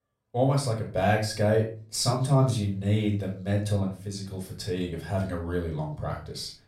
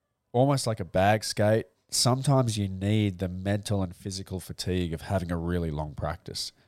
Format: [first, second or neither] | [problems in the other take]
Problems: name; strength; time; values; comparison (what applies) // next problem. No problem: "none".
second | off-mic speech; far // room echo; slight; dies away in 0.3 s